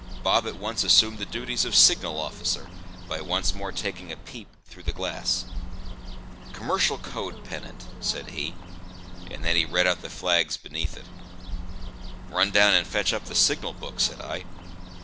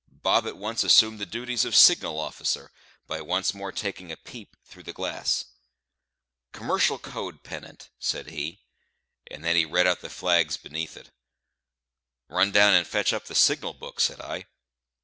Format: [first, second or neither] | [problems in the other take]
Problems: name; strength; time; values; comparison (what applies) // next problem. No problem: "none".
second | background sound (Bird); 6 dB below the speech